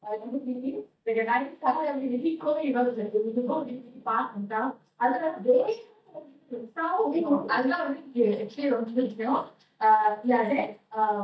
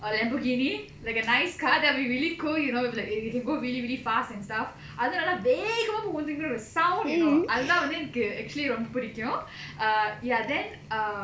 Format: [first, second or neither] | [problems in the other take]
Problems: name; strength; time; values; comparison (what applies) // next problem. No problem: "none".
second | noise reduction (neural mask model DeepFilterNet 3)